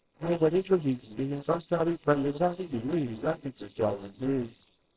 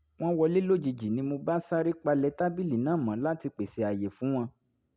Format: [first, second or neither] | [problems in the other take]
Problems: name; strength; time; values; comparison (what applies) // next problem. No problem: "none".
second | noise reduction (neural separator model SepFormer WHAMR!)